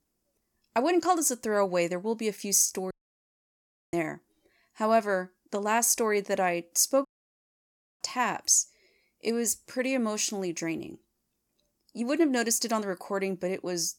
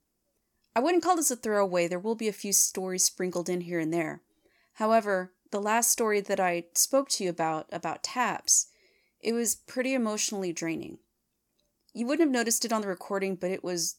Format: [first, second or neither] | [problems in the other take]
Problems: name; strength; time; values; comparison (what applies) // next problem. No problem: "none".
second | audio cutting out; at 3 s for 1 s and at 7 s for 1 s